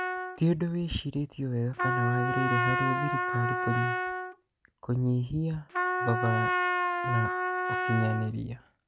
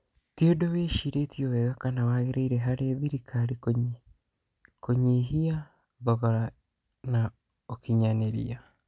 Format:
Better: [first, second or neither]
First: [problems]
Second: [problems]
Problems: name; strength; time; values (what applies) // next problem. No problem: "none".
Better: second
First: background sound (Trumpet); as loud as the speech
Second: none